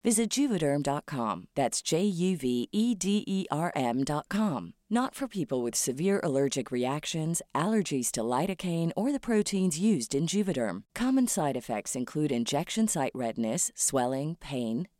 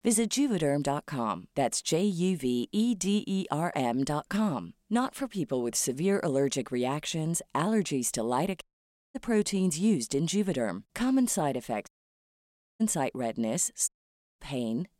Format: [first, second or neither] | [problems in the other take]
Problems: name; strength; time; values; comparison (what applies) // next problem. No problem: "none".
first | audio cutting out; at 8.5 s for 0.5 s, at 12 s for 1 s and at 14 s for 0.5 s